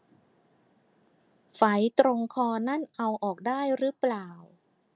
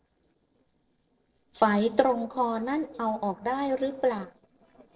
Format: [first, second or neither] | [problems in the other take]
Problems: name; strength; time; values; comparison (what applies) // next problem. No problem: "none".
first | noise reduction (neural separator model SepFormer DNS4)